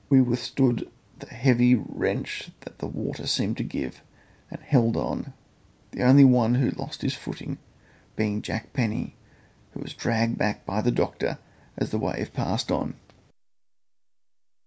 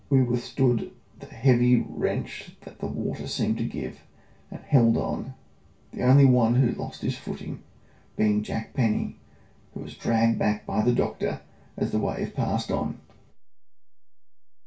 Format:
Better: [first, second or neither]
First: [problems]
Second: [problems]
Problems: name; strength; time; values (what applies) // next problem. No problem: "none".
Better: first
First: none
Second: room echo; dies away in 0.2 s